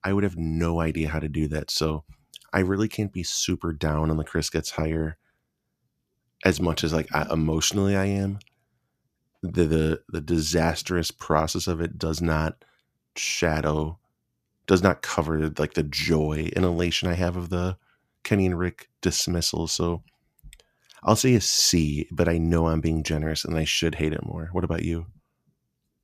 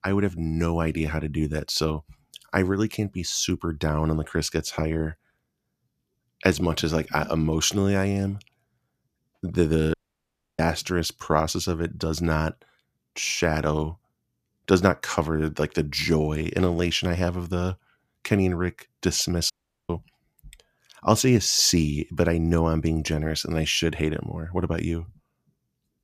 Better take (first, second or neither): first